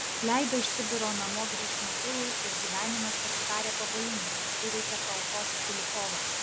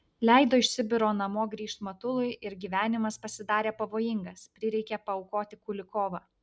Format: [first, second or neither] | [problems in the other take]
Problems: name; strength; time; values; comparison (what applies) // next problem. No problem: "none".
second | background sound (Water); 4 dB above the speech